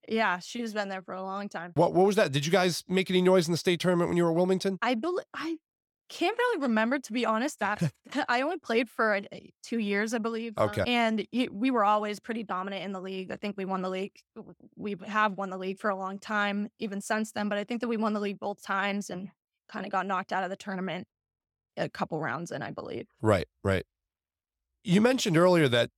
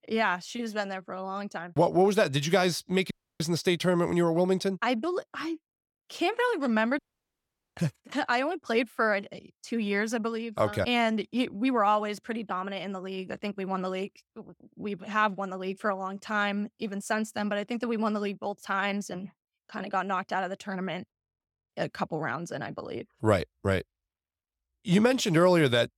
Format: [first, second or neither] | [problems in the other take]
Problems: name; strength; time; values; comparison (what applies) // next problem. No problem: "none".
first | audio cutting out; at 3 s and at 7 s for 1 s